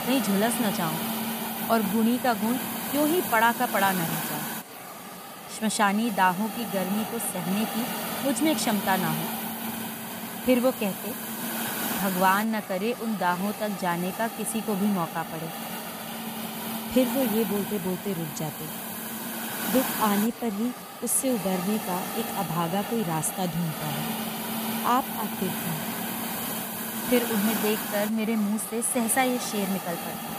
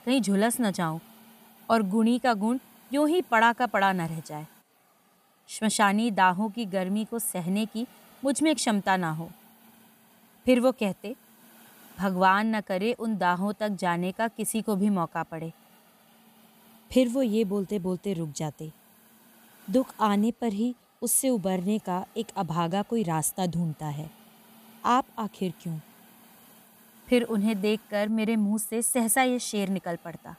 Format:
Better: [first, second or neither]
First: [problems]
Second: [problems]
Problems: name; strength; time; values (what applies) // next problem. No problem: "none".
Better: second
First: hiss; loud; throughout; 4 dB below the speech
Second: hiss; faint; throughout; 30 dB below the speech